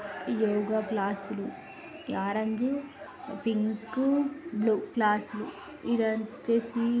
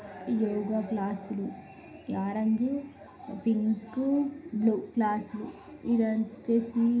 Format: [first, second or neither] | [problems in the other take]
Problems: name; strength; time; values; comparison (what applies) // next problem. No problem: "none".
first | room echo; dies away in 0.5 s